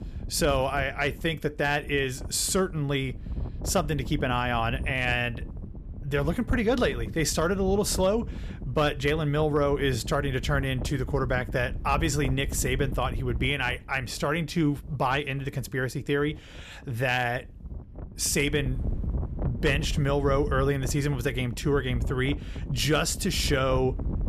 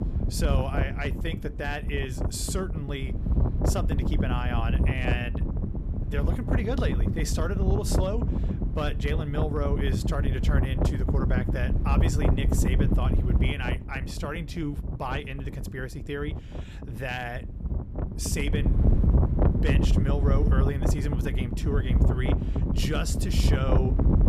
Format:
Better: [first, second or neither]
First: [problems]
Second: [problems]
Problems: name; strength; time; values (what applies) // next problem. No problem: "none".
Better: first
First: wind noise on the microphone; occasional gusts; 20 dB below the speech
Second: wind noise on the microphone; heavy; 3 dB below the speech